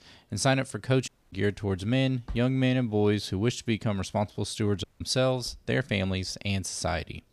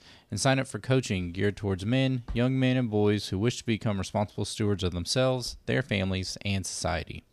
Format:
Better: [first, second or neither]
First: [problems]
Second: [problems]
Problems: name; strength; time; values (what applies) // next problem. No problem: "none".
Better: second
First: audio cutting out; at 1 s and at 5 s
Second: none